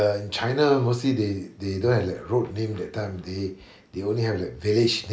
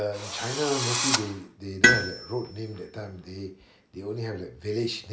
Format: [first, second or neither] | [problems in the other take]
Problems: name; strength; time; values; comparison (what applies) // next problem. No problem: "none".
first | background sound (Tools + Drill); 3 dB above the speech